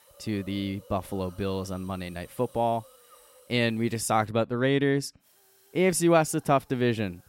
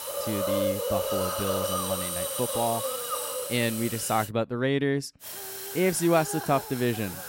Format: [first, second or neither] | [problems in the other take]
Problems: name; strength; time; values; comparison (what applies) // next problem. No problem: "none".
first | hiss; loud; until 4.5 s and from 5 s on; 2 dB below the speech; faint in the first